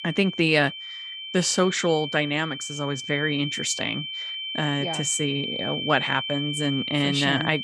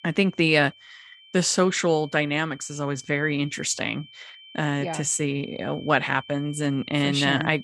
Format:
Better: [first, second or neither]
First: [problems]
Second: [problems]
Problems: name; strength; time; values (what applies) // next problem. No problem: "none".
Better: second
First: high-pitched whine; loud; throughout; 3 kHz, 6 dB below the speech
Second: high-pitched whine; faint; throughout; 3 kHz, 20 dB below the speech